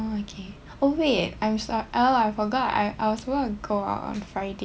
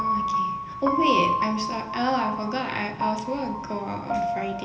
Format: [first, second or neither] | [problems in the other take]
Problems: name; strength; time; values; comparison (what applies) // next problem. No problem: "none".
first | background sound (Piano); as loud as the speech // room echo; dies away in 0.8 s